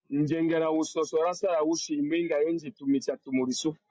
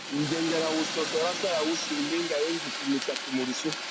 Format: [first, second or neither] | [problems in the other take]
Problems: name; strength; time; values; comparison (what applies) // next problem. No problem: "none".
first | background sound (Fire); 4 dB below the speech